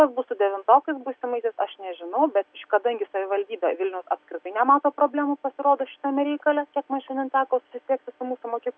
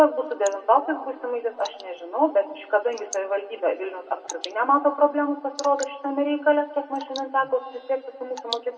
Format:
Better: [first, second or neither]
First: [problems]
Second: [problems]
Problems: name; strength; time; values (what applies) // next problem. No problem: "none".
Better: first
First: none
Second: background sound (Drip / Water); 18 dB below the speech // room echo; dies away in 1.2 s